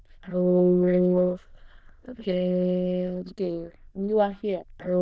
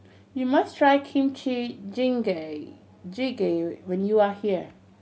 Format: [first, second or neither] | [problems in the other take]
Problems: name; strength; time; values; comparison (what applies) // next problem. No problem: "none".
second | noise reduction (neural diffusion model UNIVERSE++)